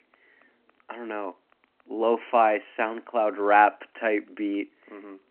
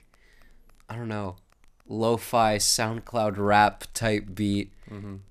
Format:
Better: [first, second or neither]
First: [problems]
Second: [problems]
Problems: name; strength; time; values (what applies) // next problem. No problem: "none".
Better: second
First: phone-call audio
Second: none